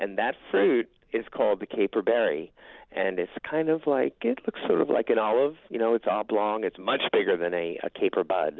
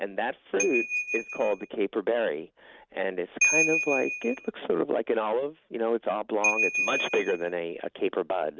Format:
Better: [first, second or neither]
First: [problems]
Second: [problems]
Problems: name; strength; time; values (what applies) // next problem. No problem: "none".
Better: first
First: none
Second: noise reduction (neural mask model RNNoise)